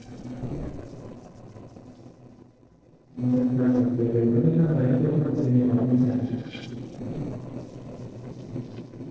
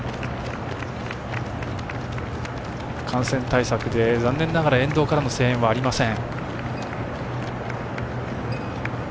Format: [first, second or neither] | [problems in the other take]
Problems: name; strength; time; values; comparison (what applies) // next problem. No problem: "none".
second | noise reduction (neural separator model SepFormer DNS4)